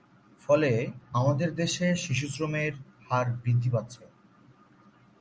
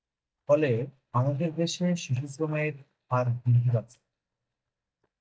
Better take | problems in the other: first | noise reduction (neural mask model DeepFilterNet 3)

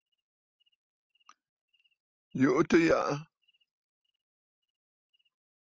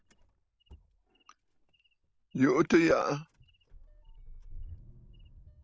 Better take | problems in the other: first | background sound (Engine starting / Motor vehicle (road)); 19 dB below the speech

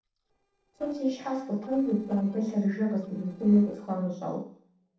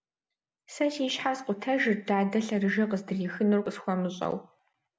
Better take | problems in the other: second | noise reduction (neural separator model SepFormer DNS4)

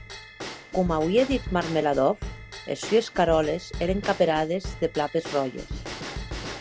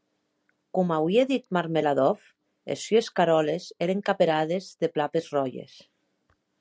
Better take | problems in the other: second | background sound (Bell / Drum / Drum kit); 10 dB below the speech

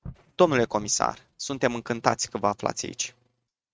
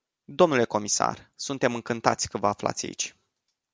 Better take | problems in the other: second | noise reduction (neural mask model RNNoise)

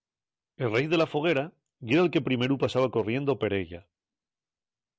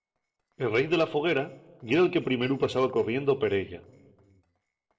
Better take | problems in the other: first | noise reduction (neural separator model SepFormer DNS4)

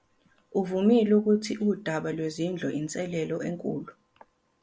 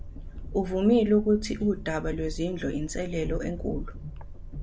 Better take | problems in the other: first | background sound (Train); 8 dB below the speech

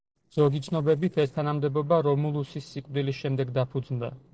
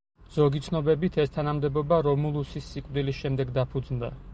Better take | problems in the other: second | noise reduction (neural separator model SepFormer DNS4)

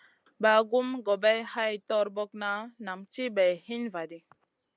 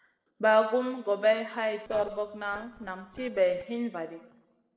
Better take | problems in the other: first | noise reduction (neural separator model SepFormer DNS4)

